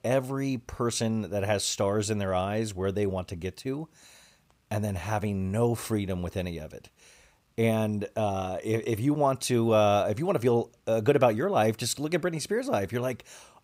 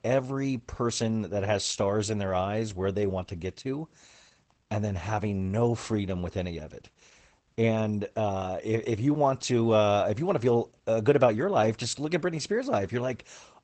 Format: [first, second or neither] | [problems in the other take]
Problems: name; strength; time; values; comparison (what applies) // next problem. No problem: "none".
first | garbled, watery; badly; nothing above 8 kHz